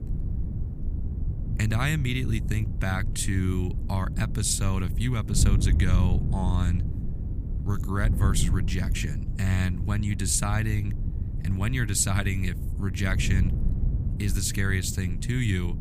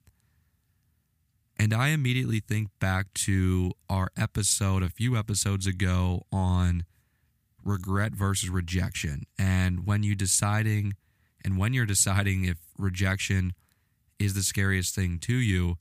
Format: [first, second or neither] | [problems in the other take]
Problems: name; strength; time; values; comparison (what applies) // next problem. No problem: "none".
second | wind noise on the microphone; occasional gusts; 10 dB below the speech